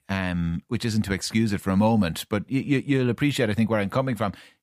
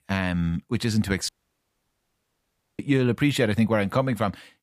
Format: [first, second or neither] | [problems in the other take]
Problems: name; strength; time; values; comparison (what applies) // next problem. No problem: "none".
first | audio cutting out; at 1.5 s for 1.5 s